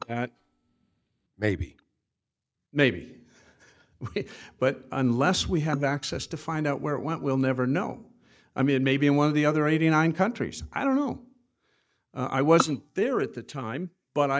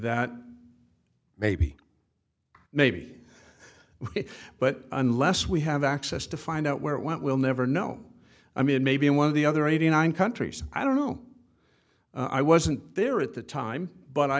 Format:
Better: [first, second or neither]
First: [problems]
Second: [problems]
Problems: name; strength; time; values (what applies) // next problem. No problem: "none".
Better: second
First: noise reduction (neural mask model DeepFilterNet 3)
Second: none